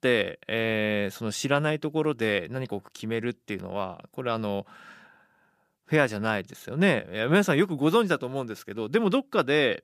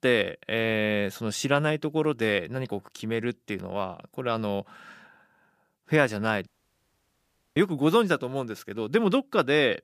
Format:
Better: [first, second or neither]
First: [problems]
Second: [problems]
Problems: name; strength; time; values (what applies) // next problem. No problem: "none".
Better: first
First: none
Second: audio cutting out; at 6.5 s for 1 s